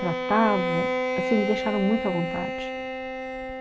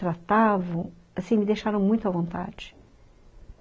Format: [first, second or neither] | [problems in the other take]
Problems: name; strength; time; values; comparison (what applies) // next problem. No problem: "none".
second | background sound (Bowed string instrument); 1 dB below the speech